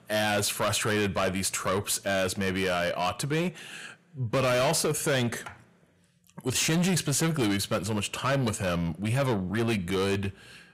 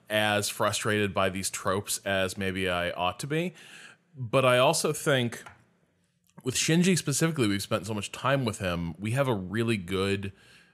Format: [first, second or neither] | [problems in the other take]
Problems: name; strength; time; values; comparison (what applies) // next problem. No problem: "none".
second | distortion; heavy; 7 dB below the speech